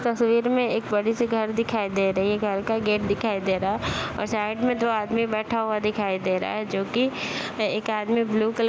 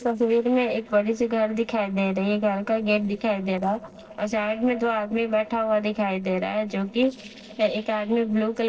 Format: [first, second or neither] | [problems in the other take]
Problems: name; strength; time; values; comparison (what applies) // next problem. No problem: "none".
first | noise reduction (neural separator model SepFormer DNS4)